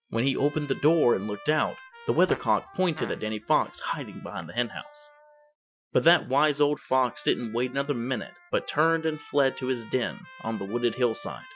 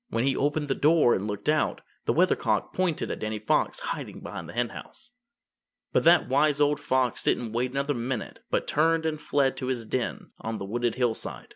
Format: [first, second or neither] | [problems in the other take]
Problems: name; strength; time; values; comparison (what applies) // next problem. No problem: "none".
second | noise reduction (classical method Wiener filter)